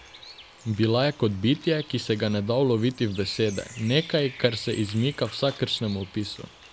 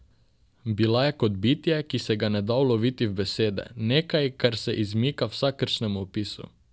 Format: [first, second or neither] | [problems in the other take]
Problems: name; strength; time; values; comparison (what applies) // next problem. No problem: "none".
second | background sound (Bird); 19 dB below the speech